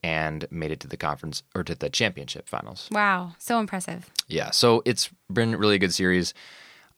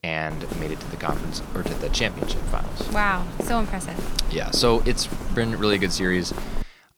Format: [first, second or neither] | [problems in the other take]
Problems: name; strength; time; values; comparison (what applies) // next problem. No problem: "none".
first | footsteps; noticeable; peak 5 dB below the speech